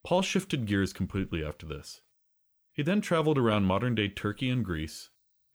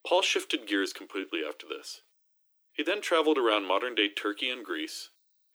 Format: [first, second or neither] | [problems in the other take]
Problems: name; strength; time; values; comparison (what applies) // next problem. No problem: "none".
first | thin; very; fading below 300 Hz